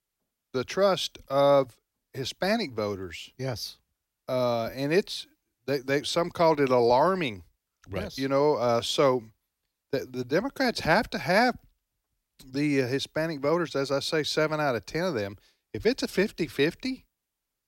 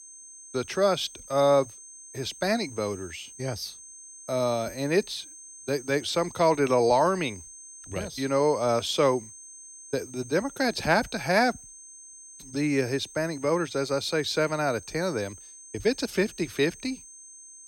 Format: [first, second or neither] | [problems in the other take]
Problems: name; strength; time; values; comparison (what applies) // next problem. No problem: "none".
first | high-pitched whine; noticeable; throughout; 6.5 kHz, 15 dB below the speech